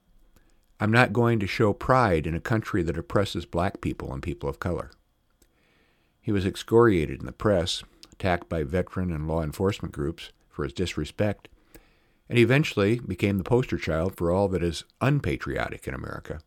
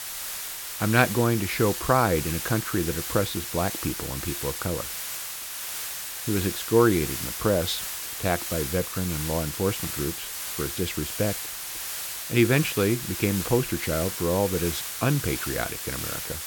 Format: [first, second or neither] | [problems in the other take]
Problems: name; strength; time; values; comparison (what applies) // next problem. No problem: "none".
first | hiss; loud; throughout; 4 dB below the speech